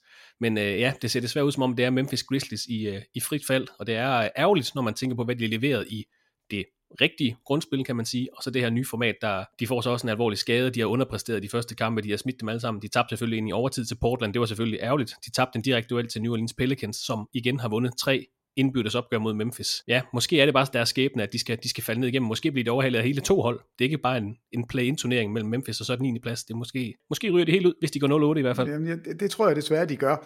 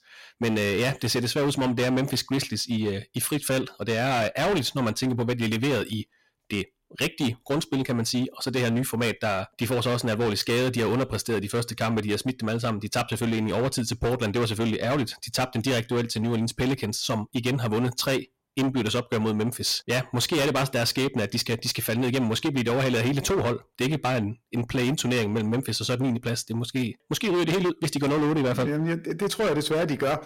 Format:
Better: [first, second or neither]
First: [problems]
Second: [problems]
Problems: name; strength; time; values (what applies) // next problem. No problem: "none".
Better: first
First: none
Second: distortion; heavy; 20% of the sound clipped